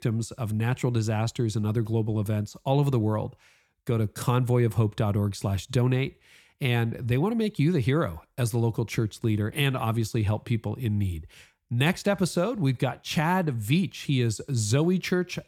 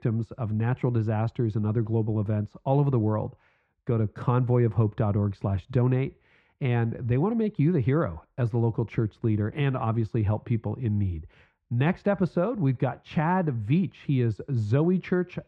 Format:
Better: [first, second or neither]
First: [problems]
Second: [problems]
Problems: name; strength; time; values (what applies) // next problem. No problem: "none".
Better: first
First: none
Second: muffled; very; fading above 1.5 kHz